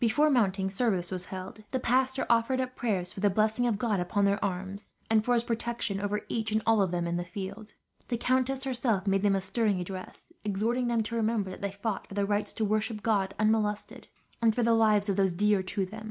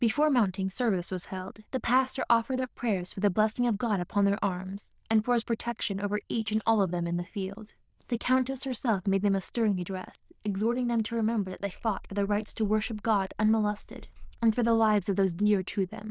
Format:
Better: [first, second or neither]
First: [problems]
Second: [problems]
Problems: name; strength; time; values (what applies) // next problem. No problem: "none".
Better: first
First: none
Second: noise reduction (neural diffusion model UNIVERSE++)